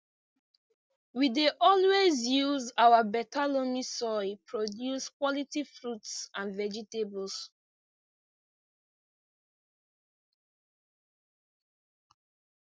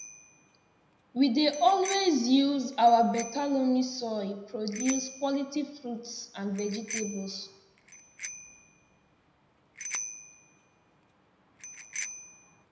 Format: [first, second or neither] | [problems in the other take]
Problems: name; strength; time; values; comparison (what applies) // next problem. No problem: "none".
first | background sound (Bicycle bell); 14 dB below the speech // room echo; dies away in 0.8 s